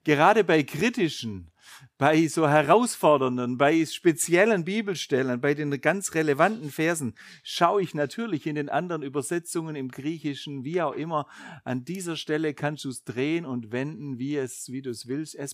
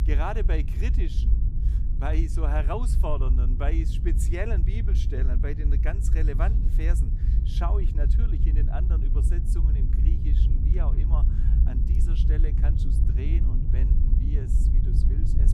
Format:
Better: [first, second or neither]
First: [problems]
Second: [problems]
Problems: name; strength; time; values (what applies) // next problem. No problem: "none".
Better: first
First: none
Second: low rumble; loud; throughout; 6 dB below the speech